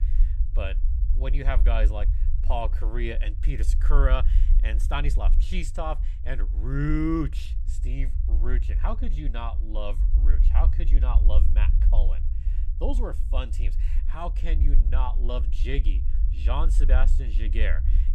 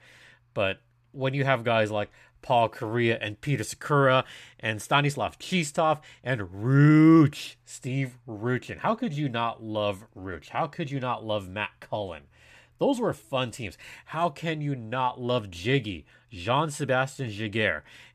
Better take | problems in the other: second | low rumble; noticeable; throughout; 15 dB below the speech

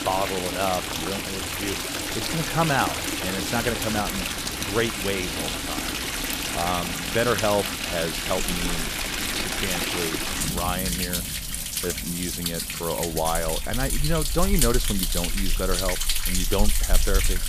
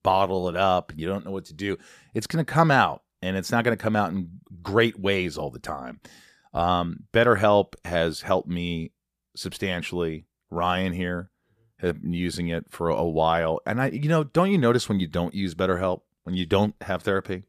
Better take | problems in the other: second | rain or running water; very loud; throughout; 2 dB above the speech

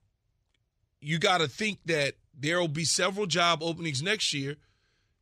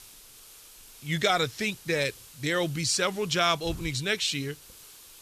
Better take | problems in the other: first | hiss; noticeable; throughout; 20 dB below the speech

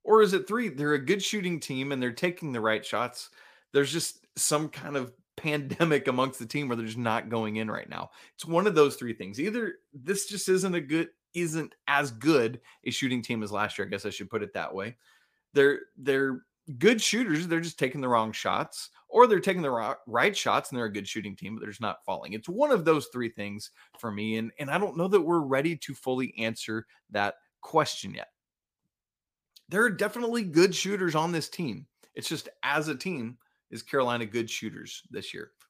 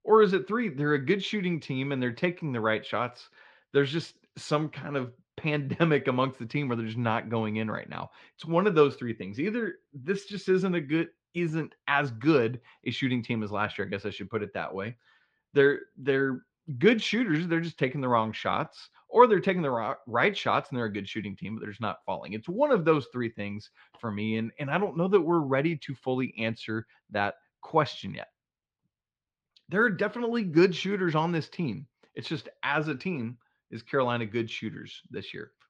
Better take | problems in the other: first | muffled; slightly; fading above 4 kHz

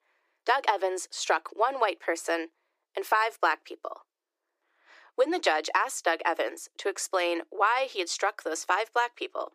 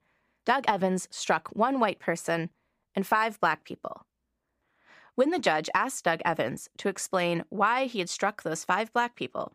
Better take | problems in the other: second | thin; very; fading below 350 Hz

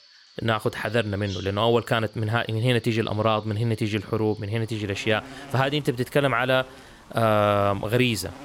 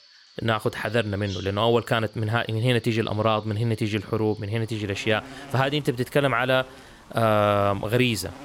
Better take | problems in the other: neither | animal sounds; faint; throughout; 20 dB below the speech; the same in both

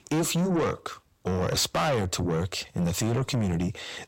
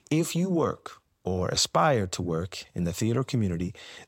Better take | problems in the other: second | distortion; heavy; 6 dB below the speech

